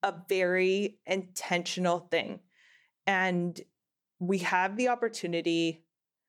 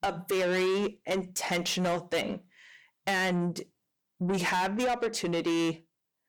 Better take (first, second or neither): first